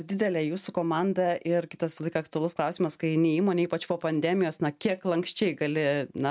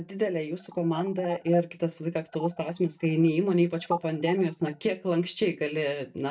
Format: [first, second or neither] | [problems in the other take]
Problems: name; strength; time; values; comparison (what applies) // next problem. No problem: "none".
first | noise reduction (neural mask model DeepFilterNet 3)